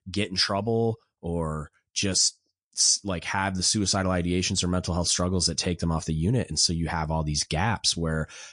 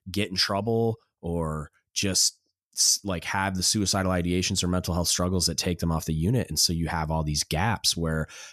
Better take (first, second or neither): second